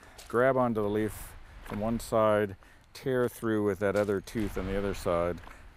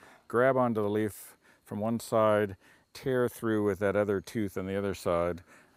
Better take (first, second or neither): second